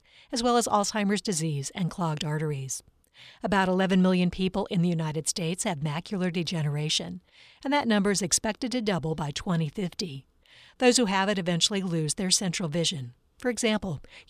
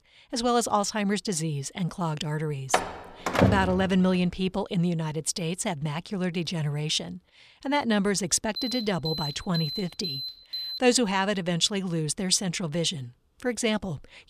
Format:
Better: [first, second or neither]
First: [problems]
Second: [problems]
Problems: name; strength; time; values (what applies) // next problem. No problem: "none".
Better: first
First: none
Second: door banging; loud; from 2.5 to 4 s; peak 4 dB above the speech // alarm; noticeable; from 8.5 to 11 s; peak 5 dB below the speech